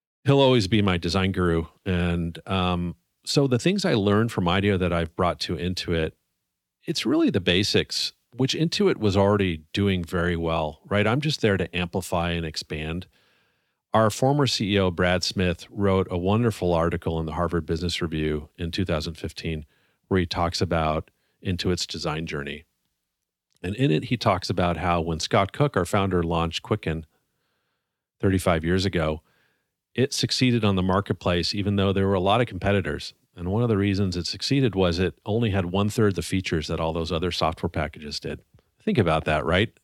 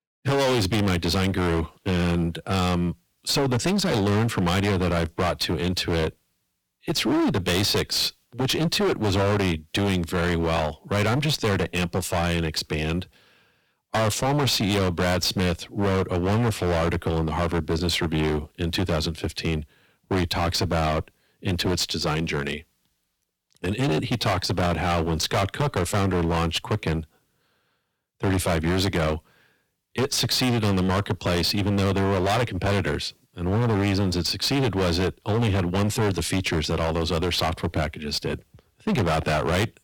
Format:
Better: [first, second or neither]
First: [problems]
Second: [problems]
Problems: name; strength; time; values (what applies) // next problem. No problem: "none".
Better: first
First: none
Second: distortion; heavy; 23% of the sound clipped